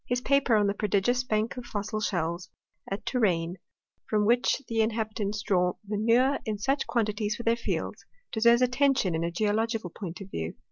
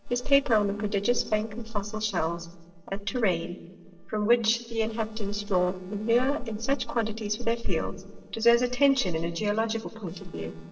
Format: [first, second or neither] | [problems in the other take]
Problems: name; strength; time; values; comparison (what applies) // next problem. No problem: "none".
first | noise reduction (neural separator model SepFormer DNS4)